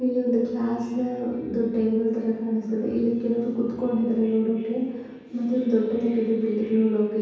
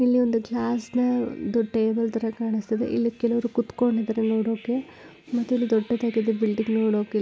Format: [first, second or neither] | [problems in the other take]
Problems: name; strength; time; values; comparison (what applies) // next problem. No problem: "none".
second | room echo; dies away in 1.1 s